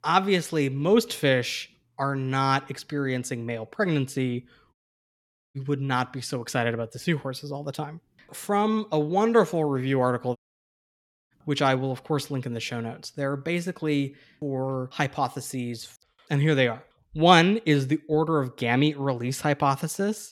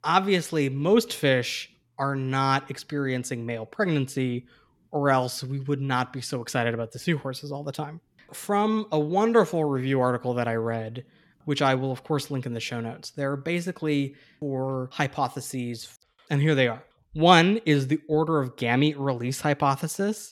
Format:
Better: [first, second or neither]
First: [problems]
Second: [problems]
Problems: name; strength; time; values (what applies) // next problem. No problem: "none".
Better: second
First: audio cutting out; at 4.5 s for 1 s and at 10 s for 1 s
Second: none